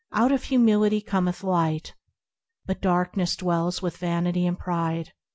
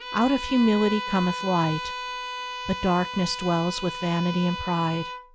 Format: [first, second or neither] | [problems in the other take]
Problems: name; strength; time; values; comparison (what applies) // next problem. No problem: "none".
first | background sound (Bowed string instrument); 8 dB below the speech